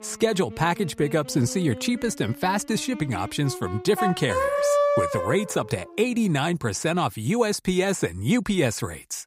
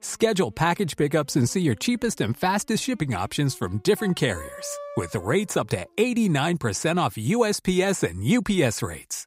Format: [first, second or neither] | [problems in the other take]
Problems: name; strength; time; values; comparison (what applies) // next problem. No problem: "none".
second | background music; loud; until 7 s; 4 dB below the speech; faint in the second